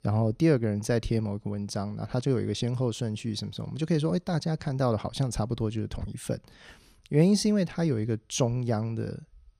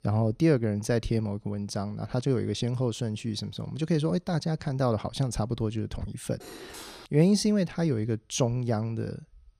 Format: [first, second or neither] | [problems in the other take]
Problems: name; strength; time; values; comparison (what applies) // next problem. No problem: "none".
first | clattering dishes; faint; at 6.5 s; peak 15 dB below the speech